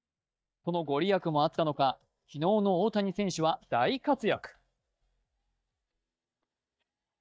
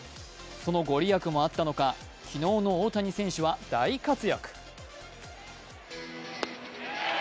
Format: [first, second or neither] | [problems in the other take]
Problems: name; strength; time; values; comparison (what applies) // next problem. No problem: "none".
second | noise reduction (neural mask model DeepFilterNet 3)